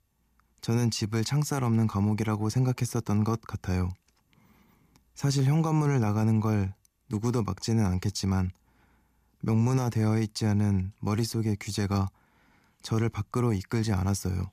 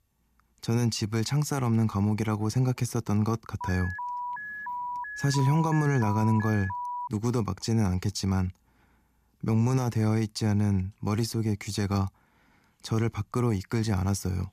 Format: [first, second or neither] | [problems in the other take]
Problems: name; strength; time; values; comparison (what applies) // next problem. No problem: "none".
first | alarm; noticeable; from 3.5 to 7 s; peak 6 dB below the speech